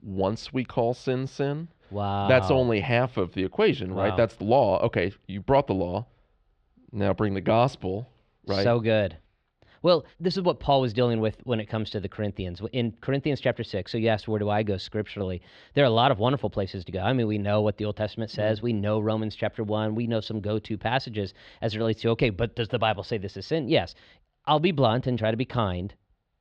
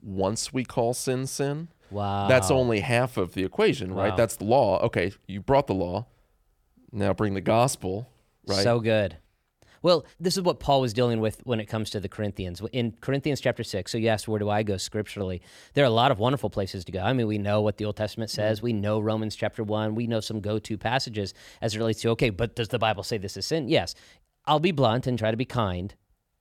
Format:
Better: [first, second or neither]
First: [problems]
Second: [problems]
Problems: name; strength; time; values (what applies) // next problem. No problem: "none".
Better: second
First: muffled; very slightly; fading above 4 kHz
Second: none